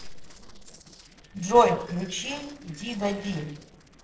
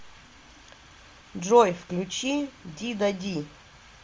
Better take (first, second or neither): second